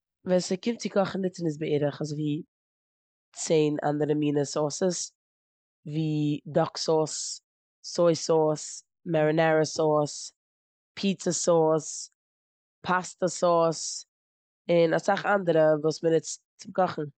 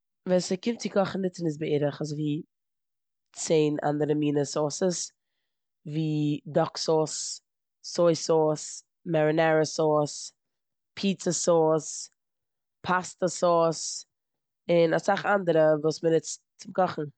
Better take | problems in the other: second | noise reduction (neural mask model Resemble Enhance denoiser)

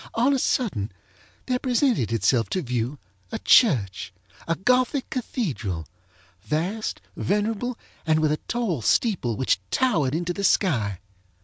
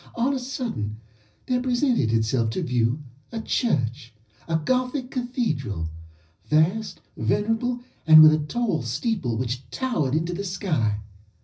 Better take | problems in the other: first | room echo; dies away in 0.4 s

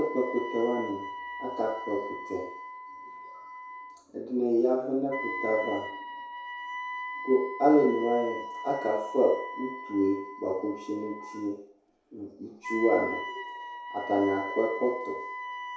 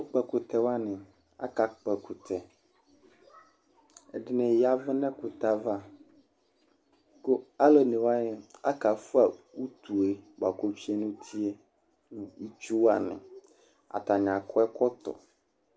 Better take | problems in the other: second | background sound (Wind instrument, woodwind instrument); 9 dB below the speech // room echo; dies away in 0.6 s

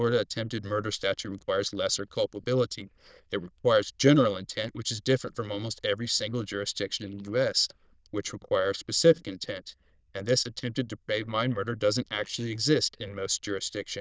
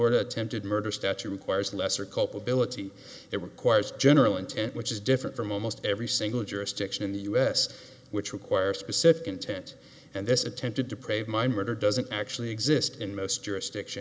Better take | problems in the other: second | noise reduction (neural diffusion model UNIVERSE++)

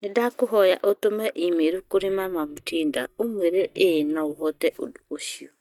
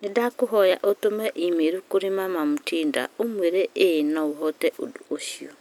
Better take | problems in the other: second | noise reduction (neural mask model DeepFilterNet 3)

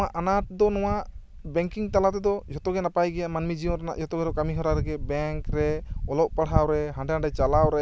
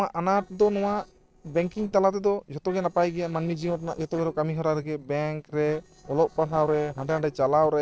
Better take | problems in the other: first | noise reduction (neural separator model SepFormer DNS4)

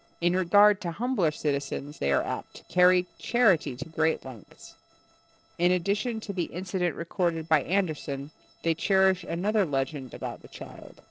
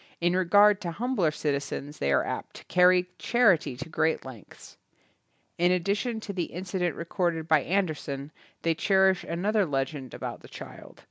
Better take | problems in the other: second | noise reduction (neural separator model SepFormer DNS4)

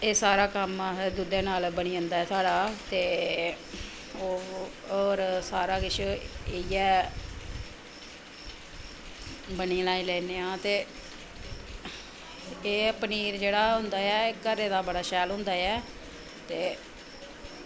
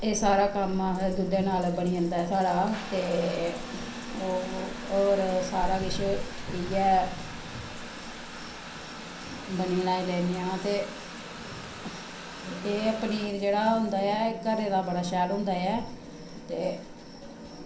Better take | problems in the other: first | background sound (Trickle, dribble / Bathtub (filling or washing) / Water tap, faucet); 10 dB below the speech // room echo; dies away in 0.6 s

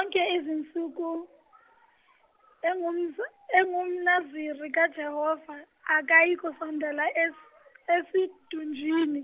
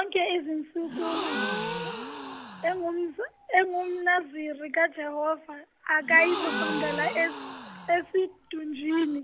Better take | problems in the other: first | background sound (Gasp); 7 dB below the speech

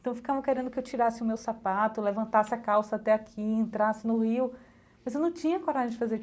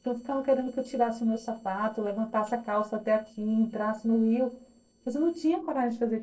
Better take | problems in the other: first | noise reduction (neural separator model SepFormer DNS4)

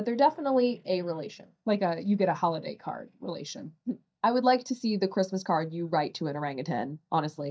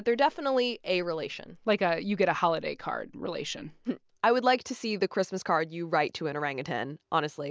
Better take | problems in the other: second | noise reduction (neural mask model DeepFilterNet 3)

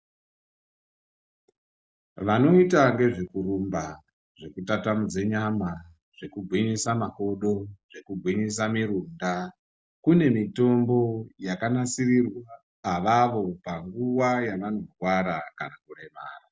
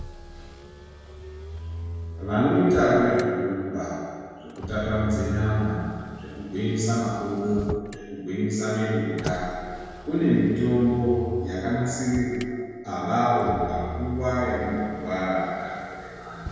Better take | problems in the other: first | background sound (Motor vehicle (road)); 11 dB below the speech // room echo; dies away in 1.9 s

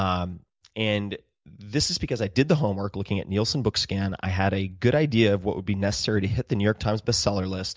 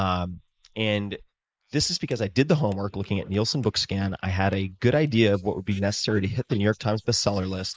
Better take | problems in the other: first | noise reduction (neural mask model Resemble Enhance denoiser)

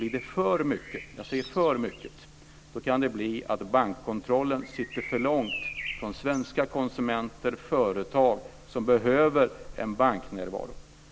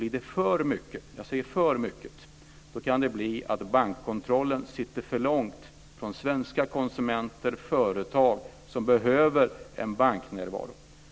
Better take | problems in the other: second | background sound (Bird vocalization, bird call, bird song); 17 dB below the speech

